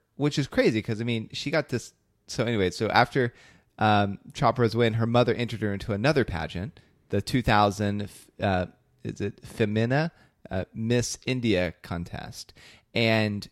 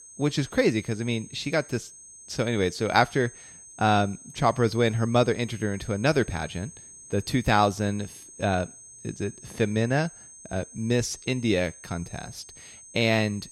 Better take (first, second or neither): first